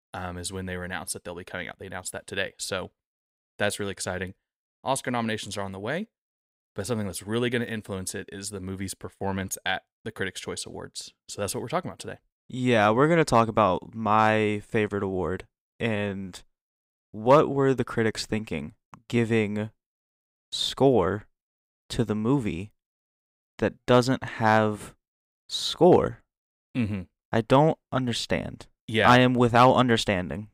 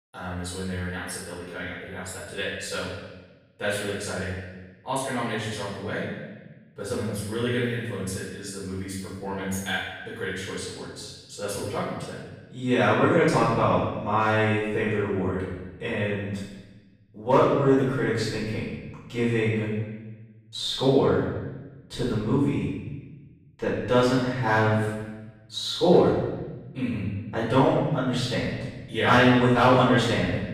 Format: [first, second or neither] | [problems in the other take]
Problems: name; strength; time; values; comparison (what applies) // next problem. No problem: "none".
first | room echo; strong; dies away in 1.1 s // off-mic speech; far